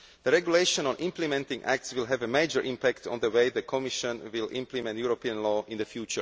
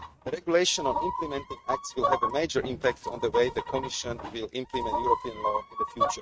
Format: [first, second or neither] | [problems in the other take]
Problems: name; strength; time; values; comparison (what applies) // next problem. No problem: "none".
first | noise reduction (neural mask model RNNoise)